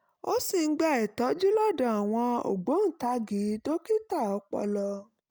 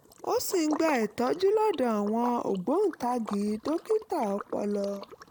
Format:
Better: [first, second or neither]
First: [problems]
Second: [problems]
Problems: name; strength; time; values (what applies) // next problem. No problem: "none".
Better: first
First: none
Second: background sound (Liquid); 16 dB below the speech